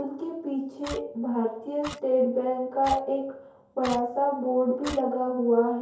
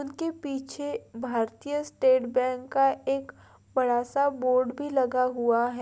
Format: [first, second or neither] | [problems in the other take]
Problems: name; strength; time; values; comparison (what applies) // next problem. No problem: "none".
second | background sound (Clock); 18 dB below the speech // room echo; dies away in 2.4 s